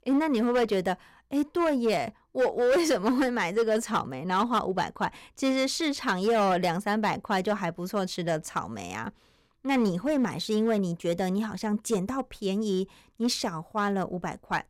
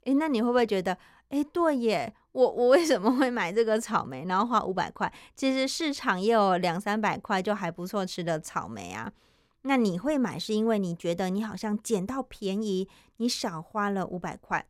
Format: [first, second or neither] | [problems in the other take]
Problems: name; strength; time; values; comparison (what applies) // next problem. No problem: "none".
second | distortion; slight; 6% of the sound clipped